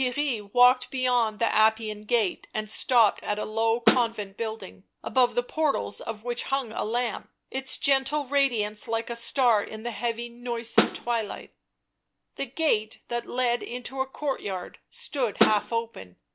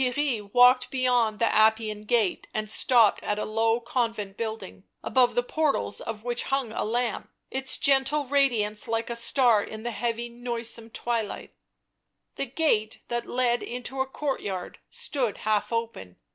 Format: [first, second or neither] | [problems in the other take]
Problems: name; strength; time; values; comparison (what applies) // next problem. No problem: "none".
second | background sound (Snare drum); 2 dB above the speech